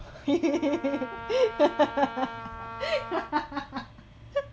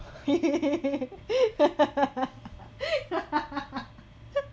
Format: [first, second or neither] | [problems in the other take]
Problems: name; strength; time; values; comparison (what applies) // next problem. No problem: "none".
second | background sound (Wind instrument, woodwind instrument); 12 dB below the speech